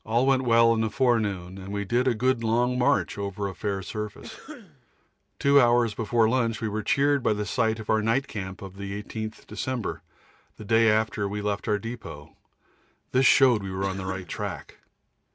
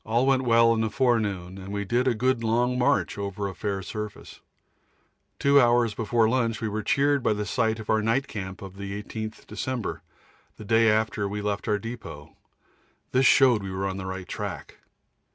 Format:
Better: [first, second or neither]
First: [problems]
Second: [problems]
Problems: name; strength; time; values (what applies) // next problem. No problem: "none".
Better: second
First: background sound (Cough); 17 dB below the speech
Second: none